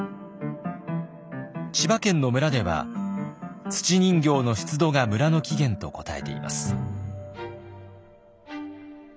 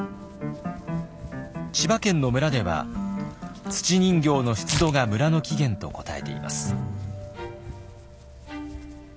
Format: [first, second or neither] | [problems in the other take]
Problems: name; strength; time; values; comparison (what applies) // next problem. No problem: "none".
first | background sound (Tearing); 14 dB below the speech